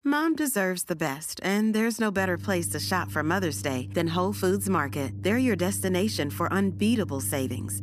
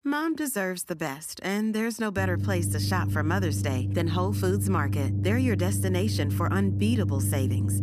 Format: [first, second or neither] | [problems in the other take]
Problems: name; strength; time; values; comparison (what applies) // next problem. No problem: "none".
first | low rumble; loud; from 2 s on; 9 dB below the speech; faint in the first